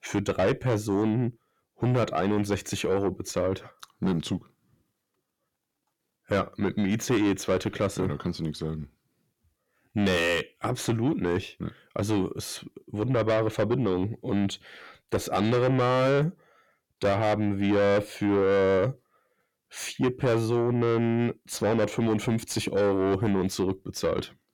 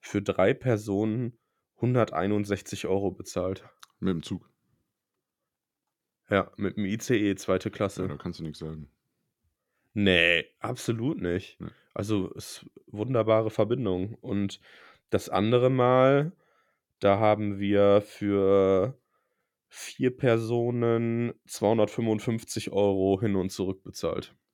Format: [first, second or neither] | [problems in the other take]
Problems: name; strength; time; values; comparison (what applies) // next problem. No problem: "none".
second | distortion; heavy; 6 dB below the speech